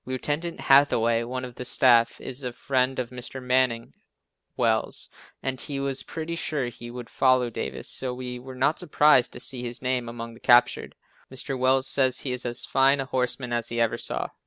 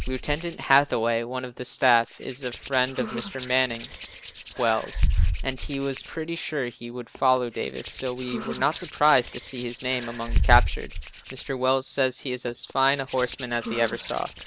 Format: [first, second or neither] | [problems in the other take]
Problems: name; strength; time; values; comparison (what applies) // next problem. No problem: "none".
first | background sound (Hands); 3 dB below the speech